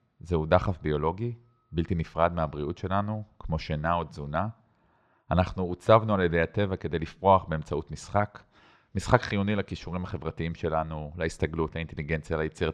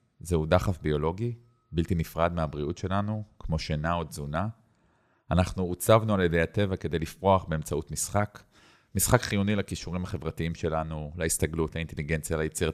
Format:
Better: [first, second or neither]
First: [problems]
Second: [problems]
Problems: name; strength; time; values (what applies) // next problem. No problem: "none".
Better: second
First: muffled; slightly; fading above 4.5 kHz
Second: none